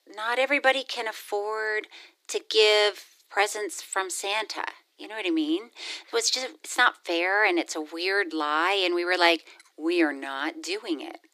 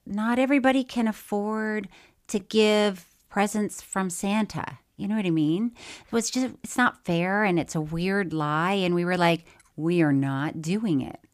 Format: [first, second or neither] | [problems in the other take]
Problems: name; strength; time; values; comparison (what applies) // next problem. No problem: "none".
second | thin; very; fading below 300 Hz